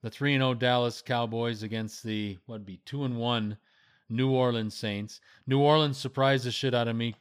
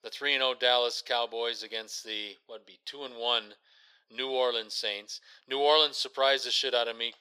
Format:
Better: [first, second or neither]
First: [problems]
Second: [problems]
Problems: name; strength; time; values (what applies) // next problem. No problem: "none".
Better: first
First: none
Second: thin; very; fading below 450 Hz